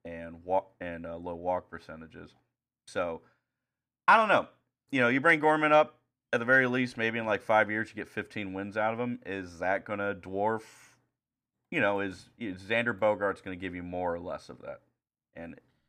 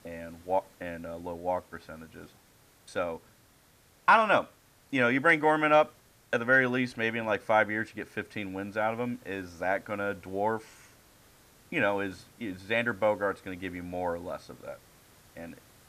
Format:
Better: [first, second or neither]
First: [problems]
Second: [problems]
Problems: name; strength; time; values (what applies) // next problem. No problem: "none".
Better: first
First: none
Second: hiss; faint; throughout; 30 dB below the speech